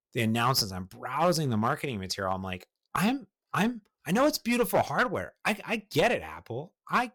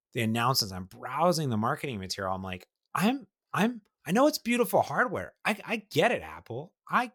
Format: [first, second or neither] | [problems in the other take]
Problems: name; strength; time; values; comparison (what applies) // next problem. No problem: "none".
second | distortion; slight; 4% of the sound clipped